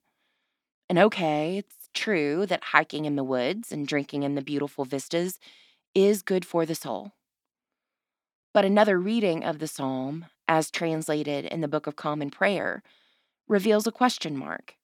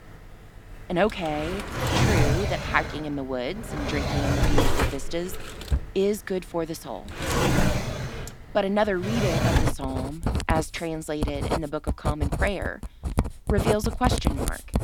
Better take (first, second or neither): first